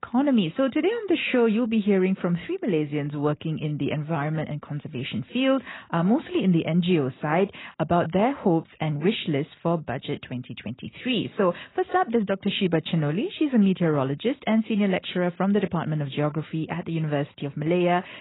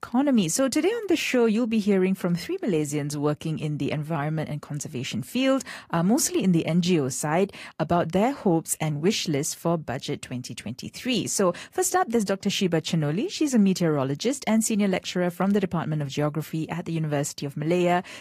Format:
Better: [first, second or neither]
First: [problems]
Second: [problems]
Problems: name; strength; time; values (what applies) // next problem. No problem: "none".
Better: second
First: garbled, watery; badly; nothing above 4 kHz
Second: garbled, watery; slightly; nothing above 15 kHz